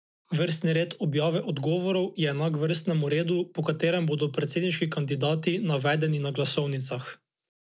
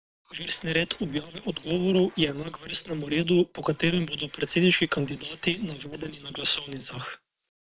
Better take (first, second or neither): first